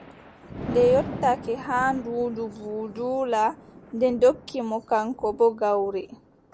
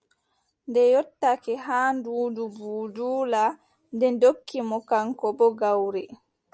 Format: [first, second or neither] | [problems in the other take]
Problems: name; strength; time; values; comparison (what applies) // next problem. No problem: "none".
second | background sound (Thunder); 13 dB below the speech